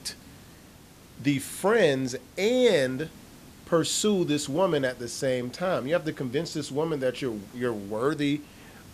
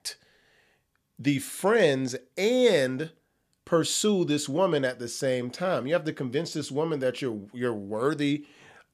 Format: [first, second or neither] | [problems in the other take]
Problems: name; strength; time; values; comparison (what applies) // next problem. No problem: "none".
second | hiss; faint; throughout; 25 dB below the speech